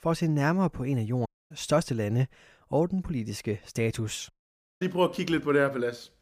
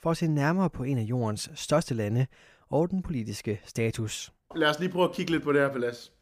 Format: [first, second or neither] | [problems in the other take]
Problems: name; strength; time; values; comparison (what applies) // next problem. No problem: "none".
second | audio cutting out; at 1.5 s and at 4.5 s for 0.5 s